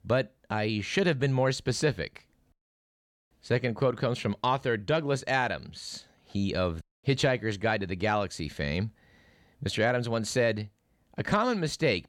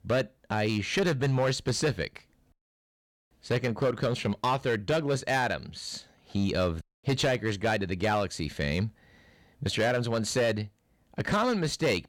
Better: first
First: none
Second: distortion; slight; 7% of the sound clipped

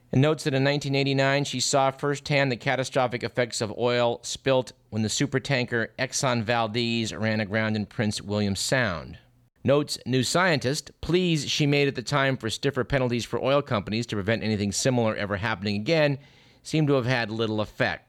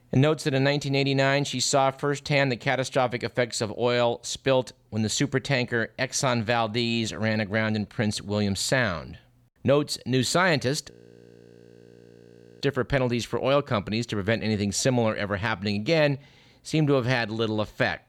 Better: first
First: none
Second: audio freezing; at 11 s for 1.5 s

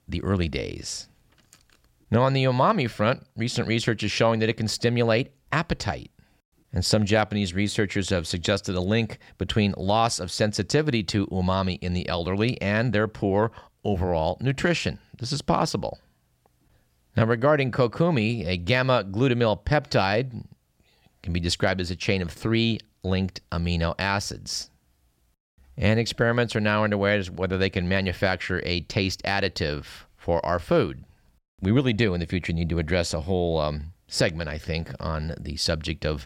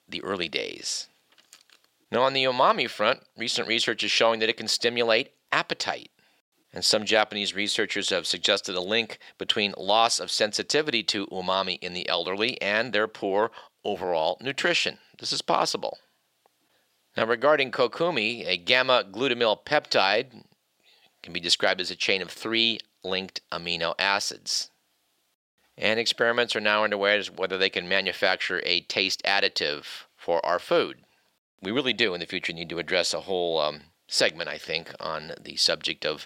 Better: first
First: none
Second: thin; somewhat; fading below 400 Hz

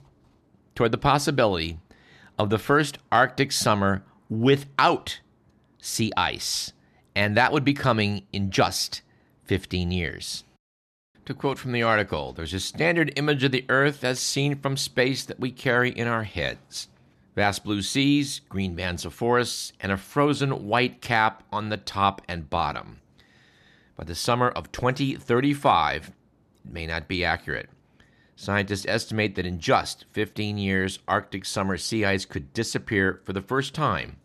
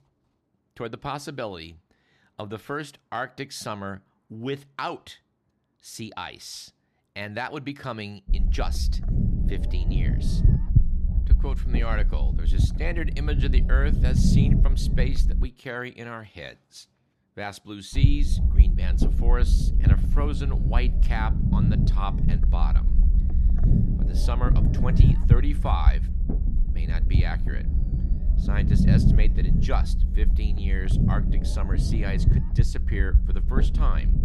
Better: first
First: none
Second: low rumble; loud; from 8.5 to 15 s and from 18 s on; 3 dB below the speech

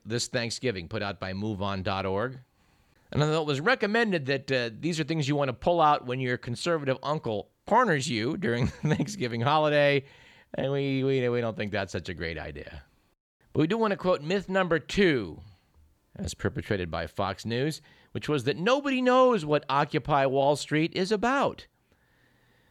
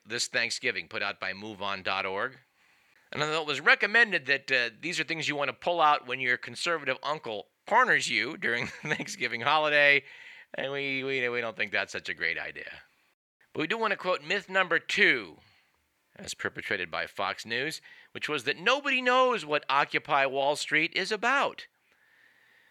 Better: first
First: none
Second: thin; somewhat; fading below 750 Hz

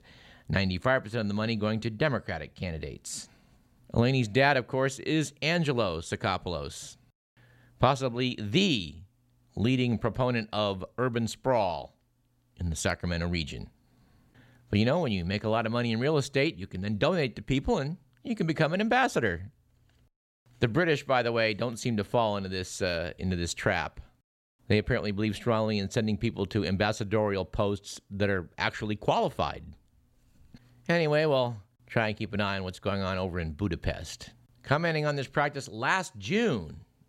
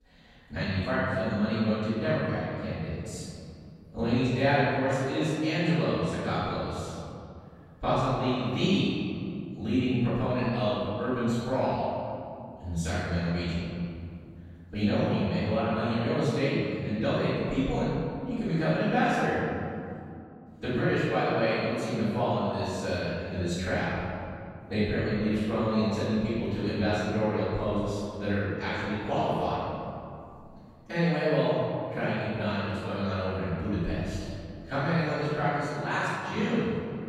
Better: first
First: none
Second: off-mic speech; far // room echo; strong; dies away in 2.5 s

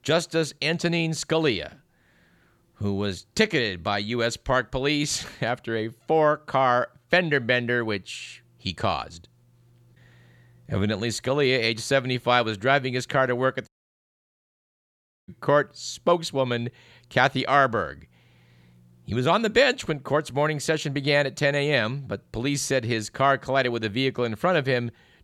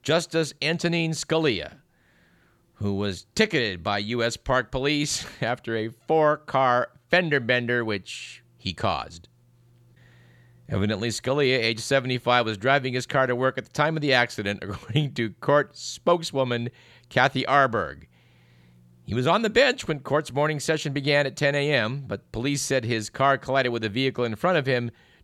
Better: second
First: audio cutting out; at 14 s for 1.5 s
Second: none

